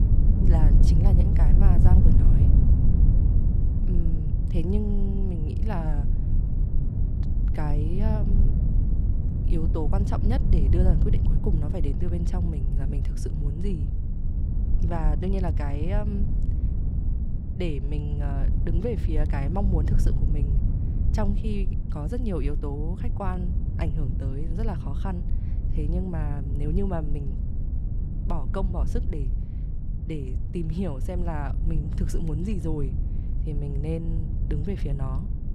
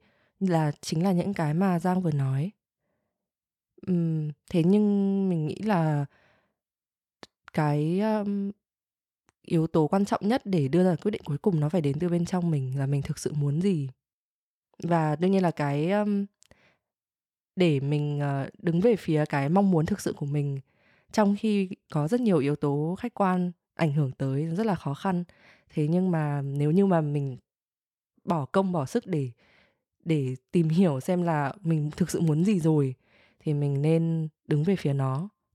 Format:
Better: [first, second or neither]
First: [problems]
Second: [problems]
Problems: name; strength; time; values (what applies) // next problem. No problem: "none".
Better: second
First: low rumble; loud; throughout; 4 dB below the speech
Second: none